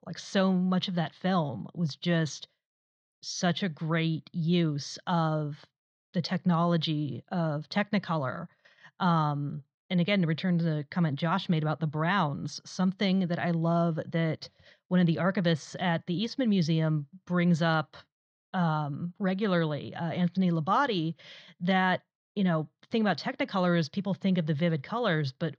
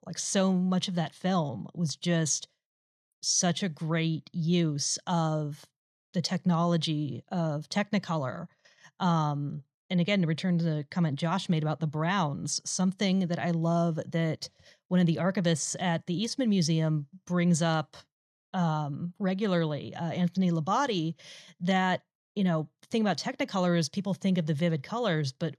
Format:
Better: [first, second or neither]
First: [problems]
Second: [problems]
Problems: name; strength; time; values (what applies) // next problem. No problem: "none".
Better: second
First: muffled; slightly; fading above 4 kHz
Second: none